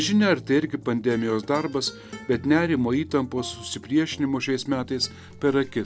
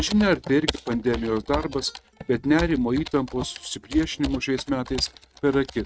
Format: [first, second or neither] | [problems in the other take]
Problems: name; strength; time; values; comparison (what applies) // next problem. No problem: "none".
first | noise reduction (neural mask model RNNoise)